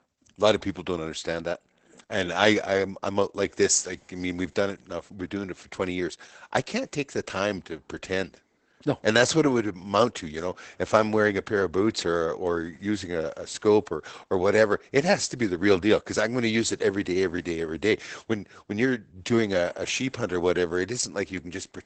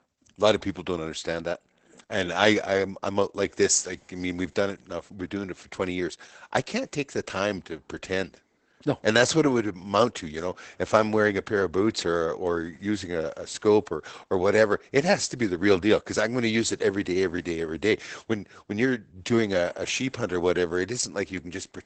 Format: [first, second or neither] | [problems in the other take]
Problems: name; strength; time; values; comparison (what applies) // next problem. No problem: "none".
neither | garbled, watery; badly; nothing above 8 kHz; the same in both